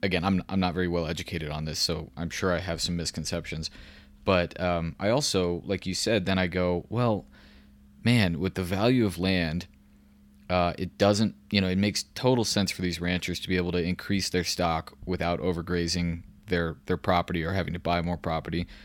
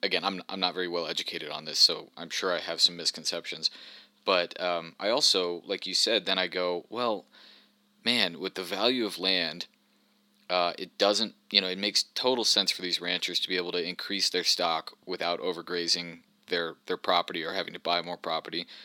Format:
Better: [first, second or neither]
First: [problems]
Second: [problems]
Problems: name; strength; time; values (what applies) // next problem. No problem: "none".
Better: first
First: none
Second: thin; somewhat; fading below 300 Hz